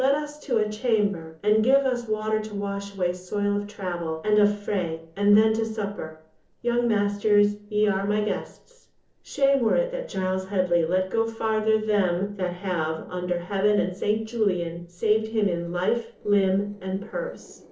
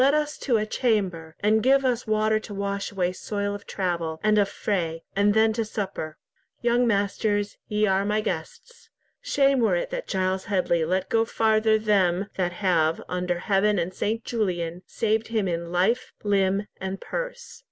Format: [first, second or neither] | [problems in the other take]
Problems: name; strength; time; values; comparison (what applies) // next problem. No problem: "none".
second | noise reduction (neural separator model SepFormer DNS4)